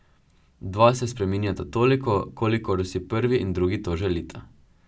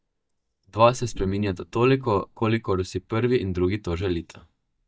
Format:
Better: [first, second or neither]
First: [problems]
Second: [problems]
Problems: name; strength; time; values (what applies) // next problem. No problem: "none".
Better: first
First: none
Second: noise reduction (neural mask model DeepFilterNet 3)